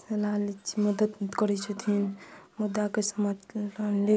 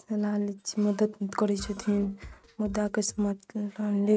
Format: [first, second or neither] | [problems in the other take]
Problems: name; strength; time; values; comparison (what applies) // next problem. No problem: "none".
first | noise reduction (neural mask model RNNoise)